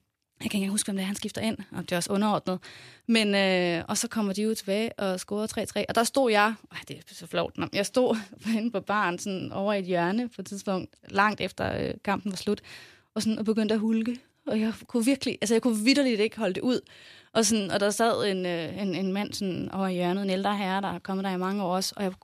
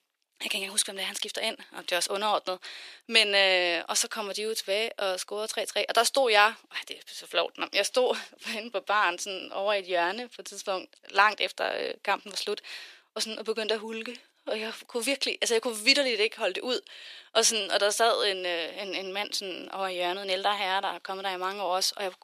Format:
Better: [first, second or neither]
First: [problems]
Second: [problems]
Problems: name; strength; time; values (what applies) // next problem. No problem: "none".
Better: first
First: none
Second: thin; very; fading below 450 Hz